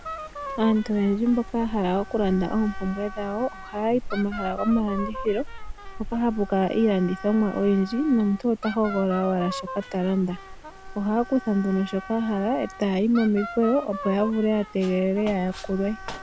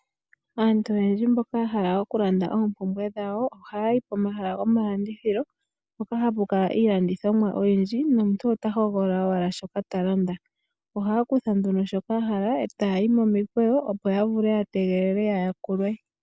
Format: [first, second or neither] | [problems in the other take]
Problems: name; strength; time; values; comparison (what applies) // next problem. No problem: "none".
second | background sound (Wind instrument, woodwind instrument + Wind); 12 dB below the speech